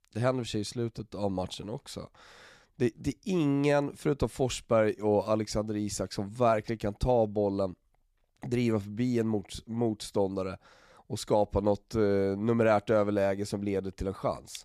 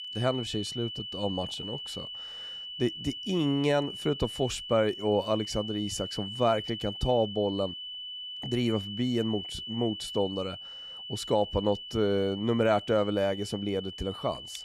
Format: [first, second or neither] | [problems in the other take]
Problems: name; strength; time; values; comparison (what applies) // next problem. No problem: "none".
first | high-pitched whine; loud; throughout; 3 kHz, 8 dB below the speech